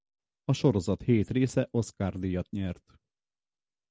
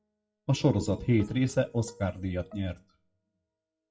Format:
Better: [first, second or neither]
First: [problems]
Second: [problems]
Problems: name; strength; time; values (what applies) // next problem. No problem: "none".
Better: first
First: none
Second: noise reduction (classical method WPE with log-MMSE)